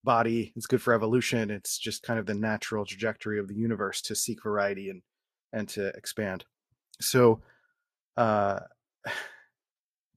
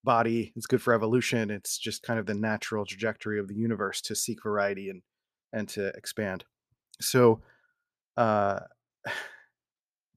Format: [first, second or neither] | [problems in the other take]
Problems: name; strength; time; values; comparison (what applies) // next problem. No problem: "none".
second | garbled, watery; slightly; nothing above 14.5 kHz